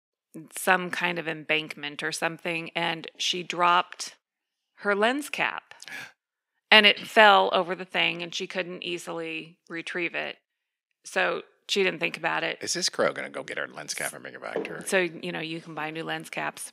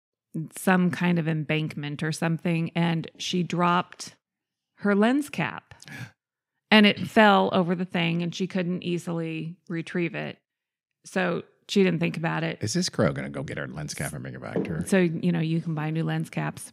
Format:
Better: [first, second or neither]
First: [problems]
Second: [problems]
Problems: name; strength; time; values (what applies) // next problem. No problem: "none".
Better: second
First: thin; very; fading below 500 Hz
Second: none